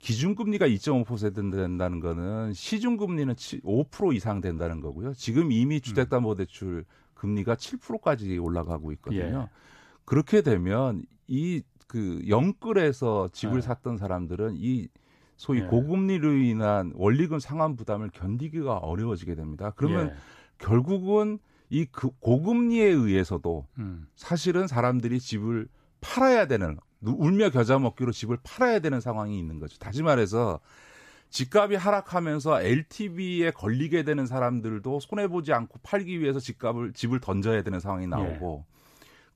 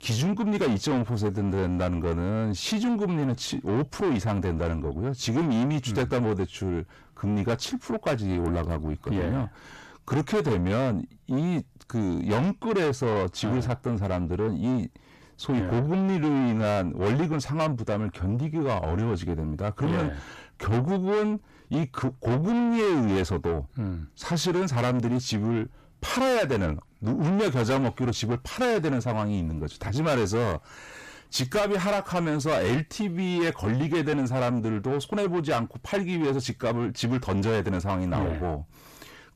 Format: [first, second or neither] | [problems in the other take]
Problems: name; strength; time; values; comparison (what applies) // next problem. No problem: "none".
first | distortion; heavy; 7 dB below the speech